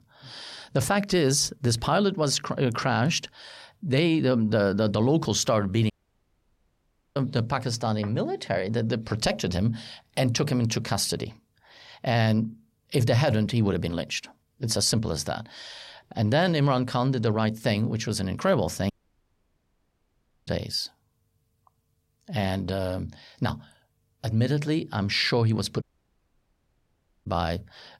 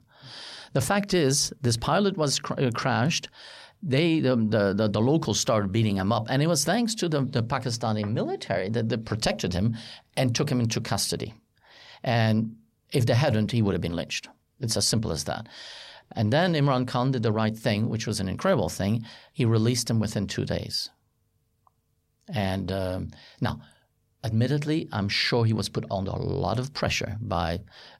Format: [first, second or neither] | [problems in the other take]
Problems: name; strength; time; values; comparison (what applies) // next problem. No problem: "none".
second | audio cutting out; at 6 s for 1.5 s, at 19 s for 1.5 s and at 26 s for 1.5 s